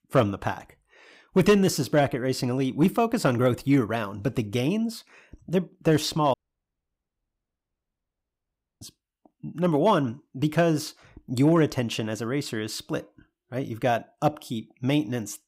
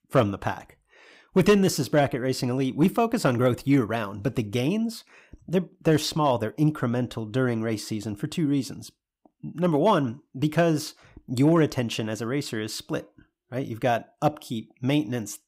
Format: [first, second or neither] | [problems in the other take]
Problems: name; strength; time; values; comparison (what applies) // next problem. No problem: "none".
second | audio cutting out; at 6.5 s for 2.5 s